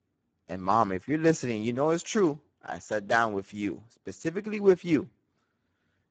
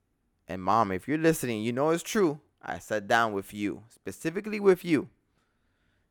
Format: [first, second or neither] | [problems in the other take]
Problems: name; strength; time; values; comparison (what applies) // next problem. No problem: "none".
second | garbled, watery; badly; nothing above 7.5 kHz